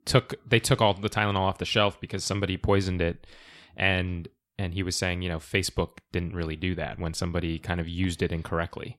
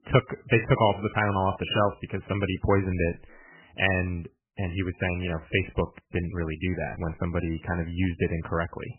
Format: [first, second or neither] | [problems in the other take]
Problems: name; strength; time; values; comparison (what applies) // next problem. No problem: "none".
first | garbled, watery; badly; nothing above 3 kHz